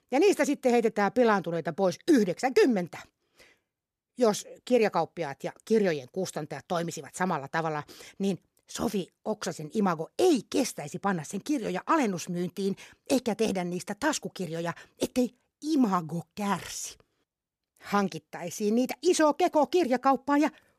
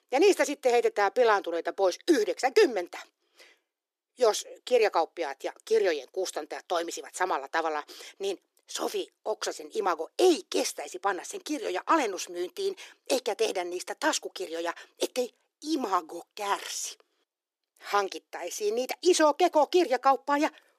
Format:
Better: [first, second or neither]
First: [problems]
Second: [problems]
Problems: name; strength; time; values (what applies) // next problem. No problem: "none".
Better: first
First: none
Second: thin; somewhat; fading below 350 Hz